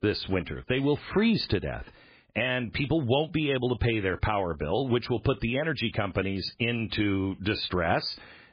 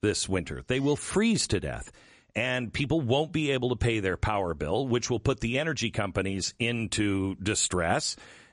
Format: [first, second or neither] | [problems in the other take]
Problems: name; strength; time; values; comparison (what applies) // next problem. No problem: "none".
second | garbled, watery; badly; nothing above 4.5 kHz; slightly in the second